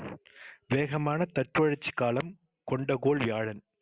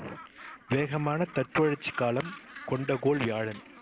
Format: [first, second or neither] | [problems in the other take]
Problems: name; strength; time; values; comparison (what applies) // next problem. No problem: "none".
first | background sound (Gull, seagull); 17 dB below the speech